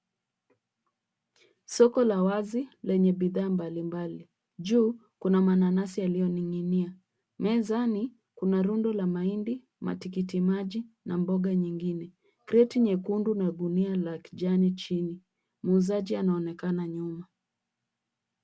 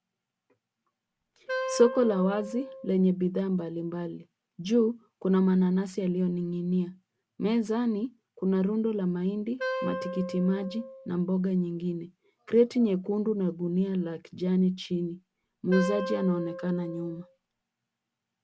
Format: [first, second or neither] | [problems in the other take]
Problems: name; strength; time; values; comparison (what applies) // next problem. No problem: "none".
first | background sound (Wind instrument, woodwind instrument); 8 dB below the speech